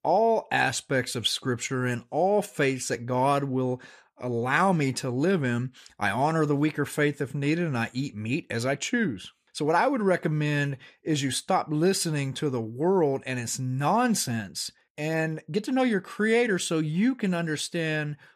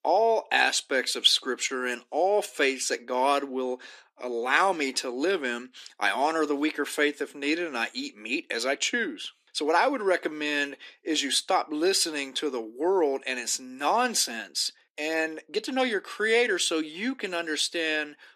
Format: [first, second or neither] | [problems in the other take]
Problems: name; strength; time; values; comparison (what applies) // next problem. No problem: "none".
first | thin; somewhat; fading below 300 Hz